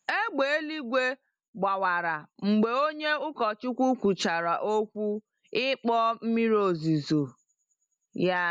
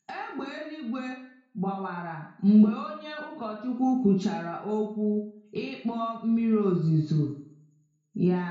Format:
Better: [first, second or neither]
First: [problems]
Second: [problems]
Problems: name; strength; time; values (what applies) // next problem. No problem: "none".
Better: first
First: none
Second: room echo; dies away in 0.6 s